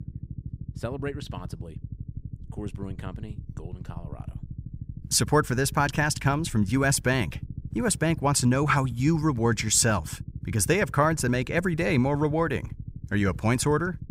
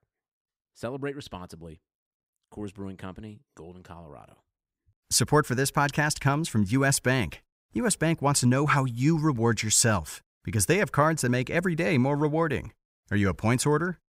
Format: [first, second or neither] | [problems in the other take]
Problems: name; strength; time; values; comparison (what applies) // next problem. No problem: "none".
second | low rumble; faint; throughout; 25 dB below the speech